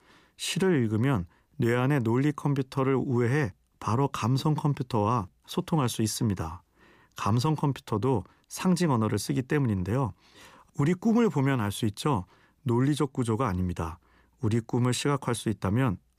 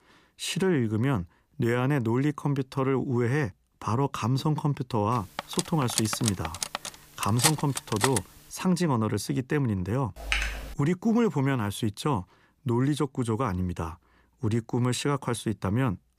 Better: first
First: none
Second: clattering dishes; loud; from 5.5 to 8 s; peak 3 dB above the speech // keyboard typing; noticeable; at 10 s; peak 1 dB below the speech

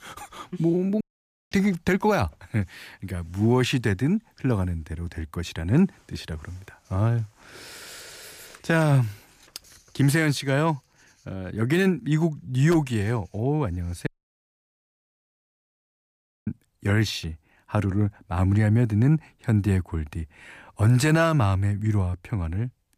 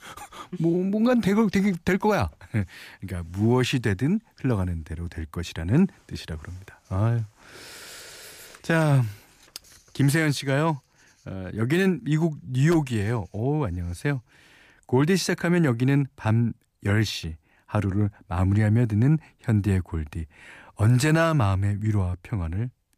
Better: second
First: audio cutting out; at 1 s for 0.5 s and at 14 s for 2.5 s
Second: none

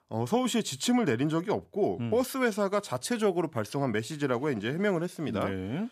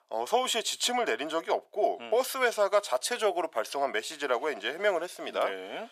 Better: first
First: none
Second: thin; very; fading below 500 Hz

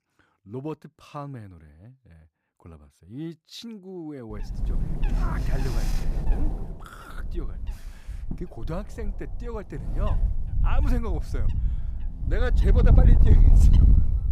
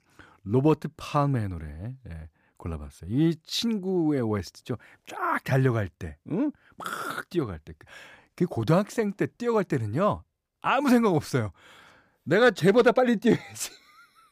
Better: second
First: wind noise on the microphone; heavy; from 4.5 s on; 2 dB below the speech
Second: none

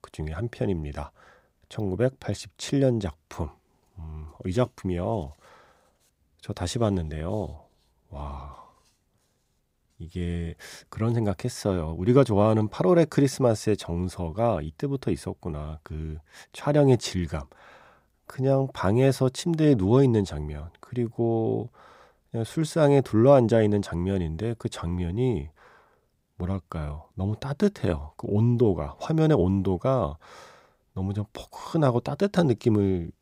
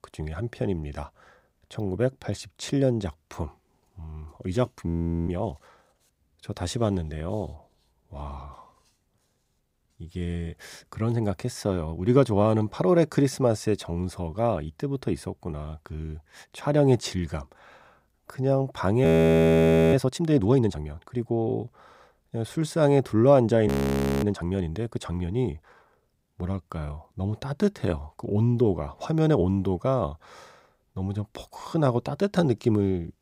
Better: first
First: none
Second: audio freezing; at 5 s, at 19 s for 1 s and at 24 s for 0.5 s

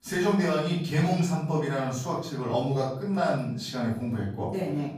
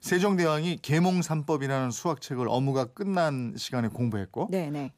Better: second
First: off-mic speech; far // room echo; noticeable; dies away in 0.7 s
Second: none

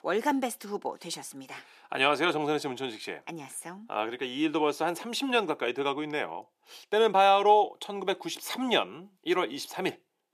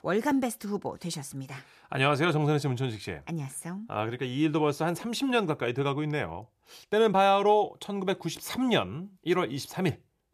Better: second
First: thin; somewhat; fading below 250 Hz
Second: none

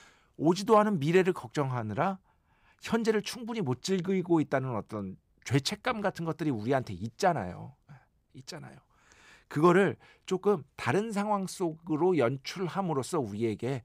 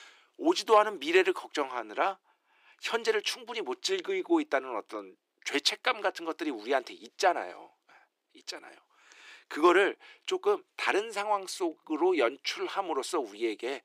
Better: first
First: none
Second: thin; very; fading below 300 Hz

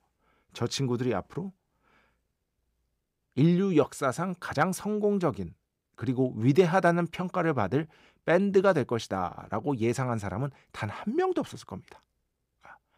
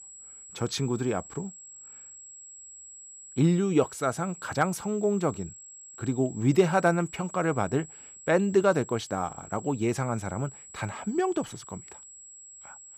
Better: first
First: none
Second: high-pitched whine; noticeable; throughout; 7.5 kHz, 15 dB below the speech

